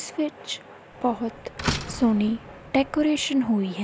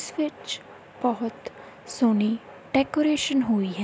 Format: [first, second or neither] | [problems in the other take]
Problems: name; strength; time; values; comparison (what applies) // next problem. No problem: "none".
second | background sound (Slam); 9 dB below the speech